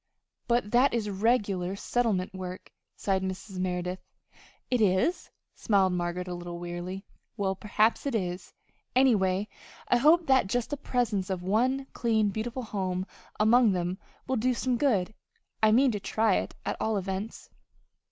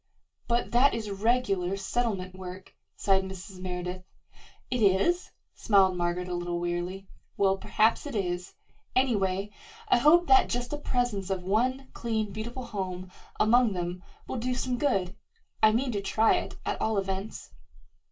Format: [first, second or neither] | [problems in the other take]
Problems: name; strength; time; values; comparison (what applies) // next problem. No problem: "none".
first | room echo; dies away in 0.1 s